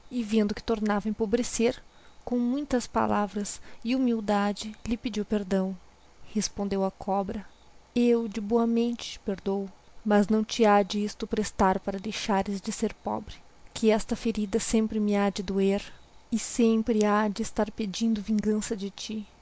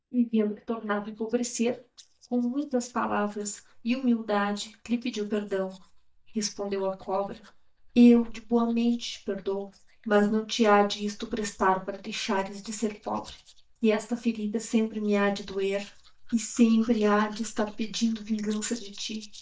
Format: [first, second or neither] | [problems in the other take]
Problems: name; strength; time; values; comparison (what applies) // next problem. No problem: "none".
first | noise reduction (neural mask model DeepFilterNet 3)